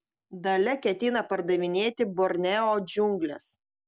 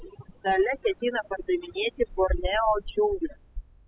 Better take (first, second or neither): first